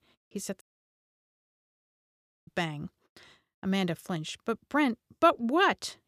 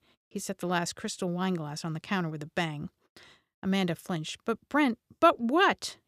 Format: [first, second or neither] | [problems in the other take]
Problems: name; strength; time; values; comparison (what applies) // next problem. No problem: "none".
second | audio cutting out; at 0.5 s for 2 s